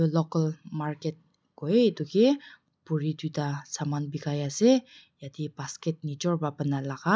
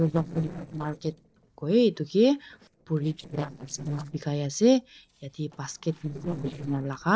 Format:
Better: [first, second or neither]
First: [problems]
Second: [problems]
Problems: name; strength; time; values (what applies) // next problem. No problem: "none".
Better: first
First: none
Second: noise reduction (neural separator model SepFormer DNS4)